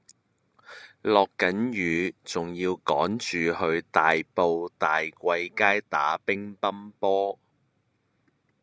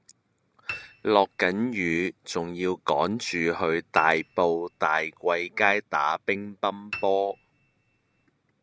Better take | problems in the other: first | background sound (Piano); 16 dB below the speech

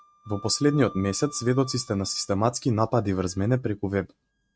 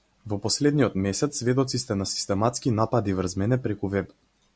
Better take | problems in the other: second | noise reduction (neural mask model RNNoise)

